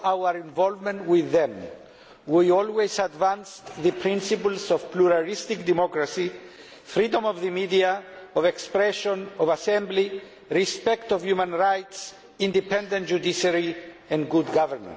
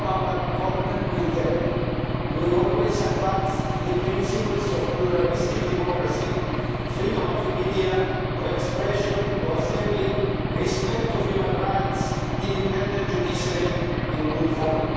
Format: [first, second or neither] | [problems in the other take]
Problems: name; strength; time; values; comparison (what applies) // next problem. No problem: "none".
first | background sound (Engine / Aircraft); as loud as the speech // room echo; dies away in 2.1 s